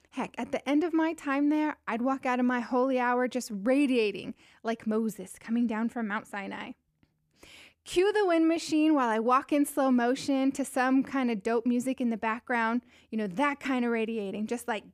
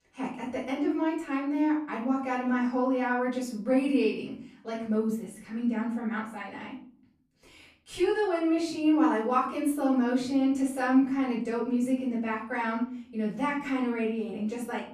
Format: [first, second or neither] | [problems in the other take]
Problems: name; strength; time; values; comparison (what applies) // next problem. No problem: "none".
first | off-mic speech; far // room echo; noticeable; dies away in 0.5 s